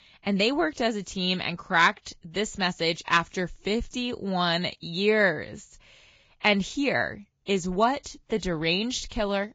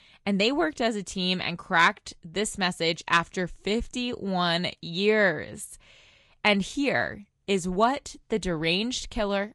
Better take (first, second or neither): second